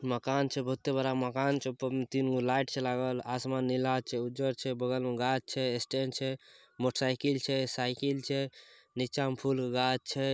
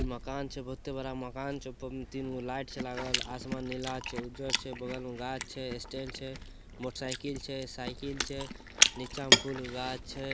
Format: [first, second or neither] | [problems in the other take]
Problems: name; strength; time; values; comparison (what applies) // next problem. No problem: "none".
first | background sound (Chewing, mastication); 4 dB above the speech